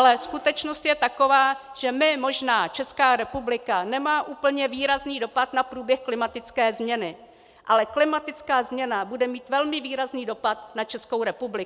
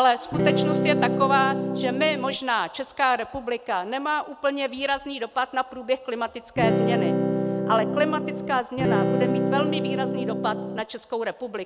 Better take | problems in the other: first | background sound (Electric guitar / Strum); 2 dB above the speech

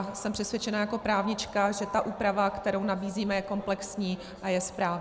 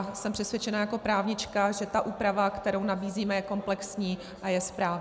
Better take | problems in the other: second | background sound (Alarm); 19 dB below the speech

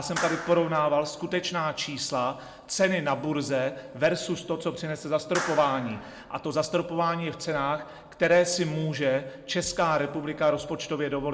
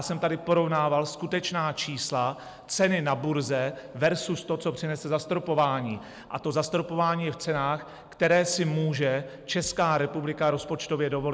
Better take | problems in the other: second | background sound (Clapping); 14 dB below the speech // room echo; dies away in 0.5 s

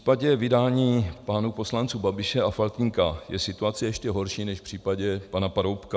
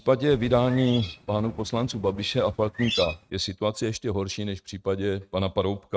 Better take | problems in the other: first | noise reduction (neural mask model RNNoise)

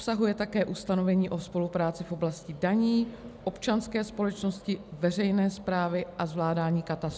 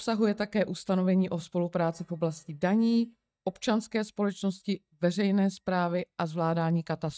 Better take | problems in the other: first | noise reduction (neural mask model DeepFilterNet 3)

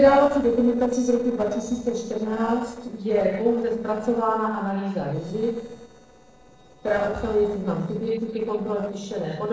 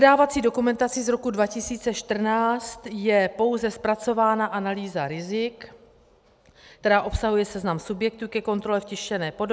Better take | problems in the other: second | noise reduction (neural separator model SepFormer DNS4)

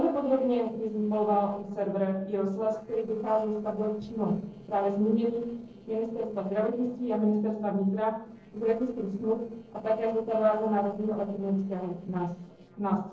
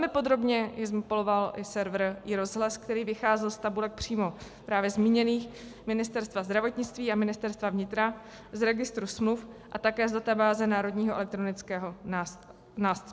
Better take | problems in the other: second | noise reduction (neural separator model SepFormer DNS4)

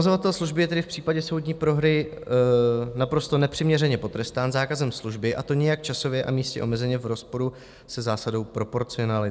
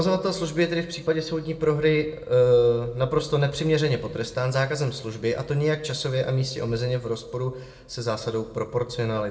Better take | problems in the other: first | room echo; dies away in 0.7 s

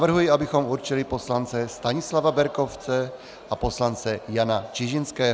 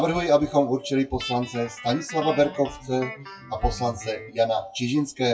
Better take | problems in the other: first | noise reduction (classical method WPE with log-MMSE)

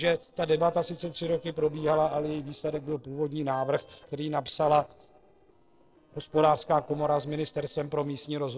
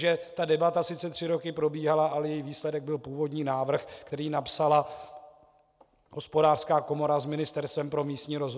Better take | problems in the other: second | noise reduction (neural separator model SepFormer DNS4)

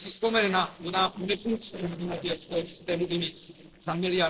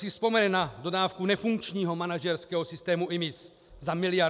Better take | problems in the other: second | noise reduction (neural separator model SepFormer DNS4)

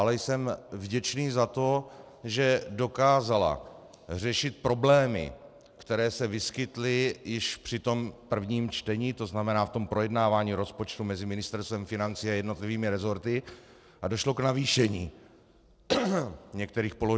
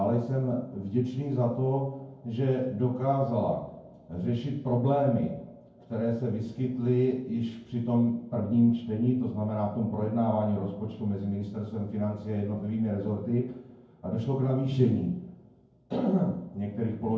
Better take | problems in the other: first | room echo; dies away in 0.9 s

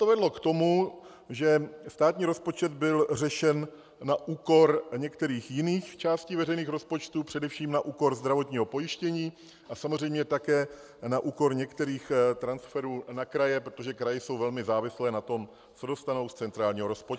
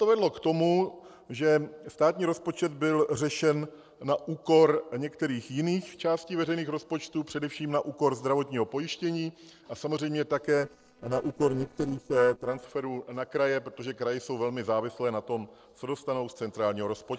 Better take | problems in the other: first | noise reduction (neural separator model SepFormer DNS4)

